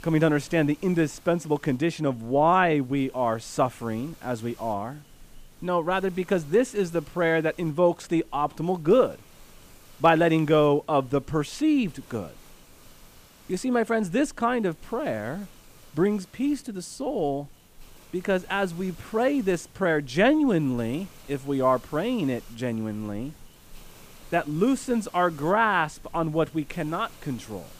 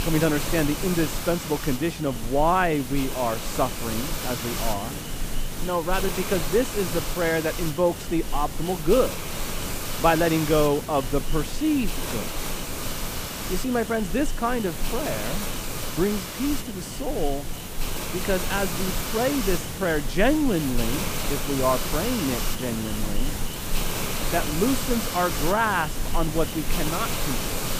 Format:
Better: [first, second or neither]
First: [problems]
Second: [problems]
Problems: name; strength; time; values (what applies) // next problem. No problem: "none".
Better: first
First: hiss; faint; throughout; 25 dB below the speech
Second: hiss; loud; throughout; 4 dB below the speech